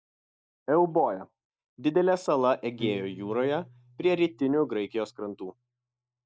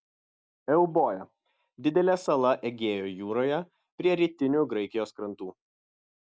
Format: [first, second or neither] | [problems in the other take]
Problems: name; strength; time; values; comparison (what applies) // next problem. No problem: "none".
second | noise reduction (neural mask model DeepFilterNet 3)